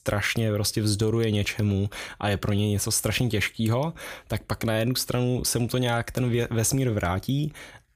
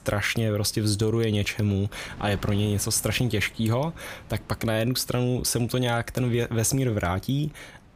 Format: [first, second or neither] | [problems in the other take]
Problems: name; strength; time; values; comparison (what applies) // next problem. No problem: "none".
first | wind noise on the microphone; occasional gusts; 25 dB below the speech